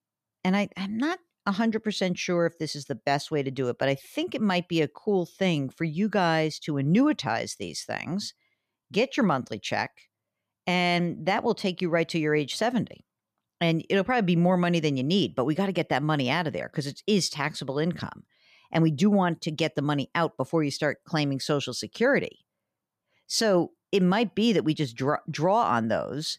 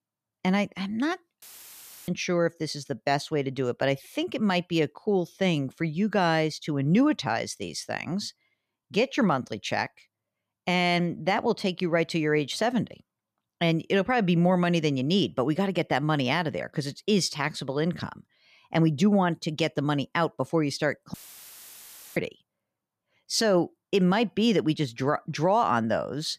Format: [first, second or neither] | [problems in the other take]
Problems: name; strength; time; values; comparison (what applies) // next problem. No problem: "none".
first | audio cutting out; filled with static; at 1.5 s for 0.5 s and at 21 s for 1 s